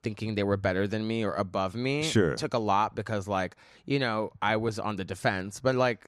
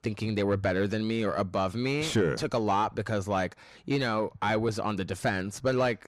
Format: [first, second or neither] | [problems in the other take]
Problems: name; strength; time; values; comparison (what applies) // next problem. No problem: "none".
first | distortion; slight; 10 dB below the speech